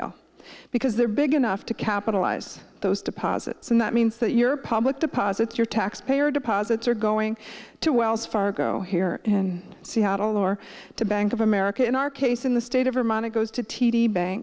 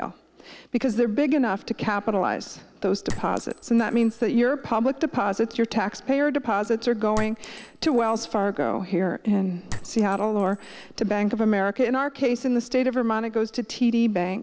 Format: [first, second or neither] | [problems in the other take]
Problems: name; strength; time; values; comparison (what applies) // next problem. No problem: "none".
first | background sound (Chink, clink); 13 dB below the speech